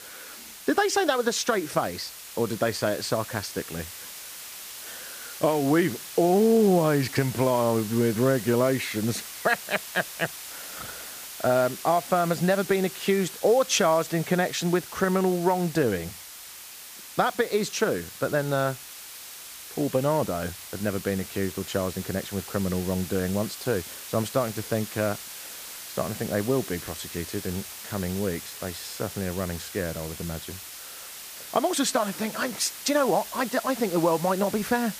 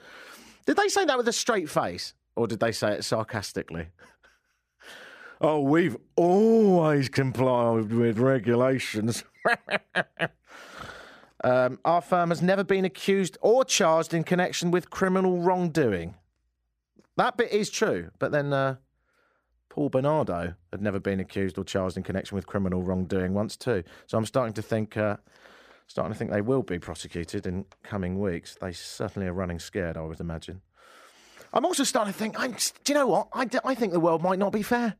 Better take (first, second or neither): second